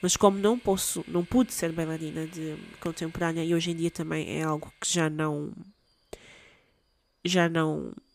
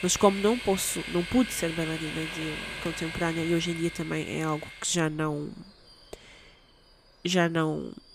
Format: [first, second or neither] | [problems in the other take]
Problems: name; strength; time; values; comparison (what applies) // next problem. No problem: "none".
first | train or aircraft noise; loud; throughout; 8 dB below the speech; faint in the first